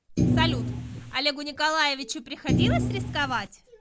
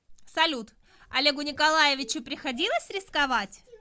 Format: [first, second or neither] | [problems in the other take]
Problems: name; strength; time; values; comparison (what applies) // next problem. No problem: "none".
second | background sound (Thump, thud); 4 dB above the speech